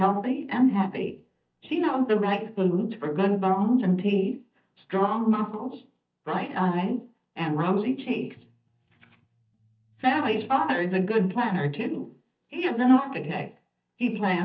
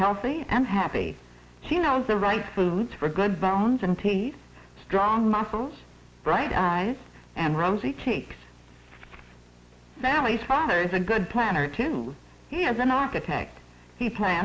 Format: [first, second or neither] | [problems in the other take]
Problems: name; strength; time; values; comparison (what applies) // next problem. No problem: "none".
second | noise reduction (neural mask model DeepFilterNet 3)